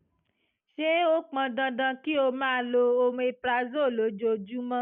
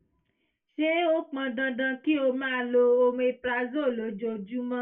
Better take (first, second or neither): first